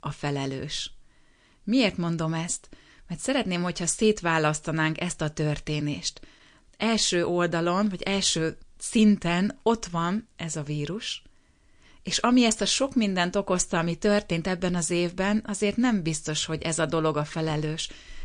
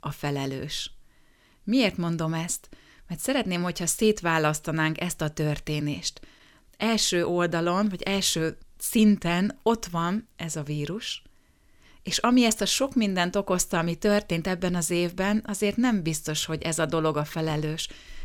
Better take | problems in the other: second | garbled, watery; slightly; nothing above 8.5 kHz

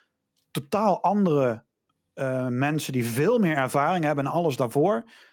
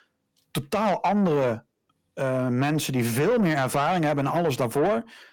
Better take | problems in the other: first | distortion; slight; 10 dB below the speech

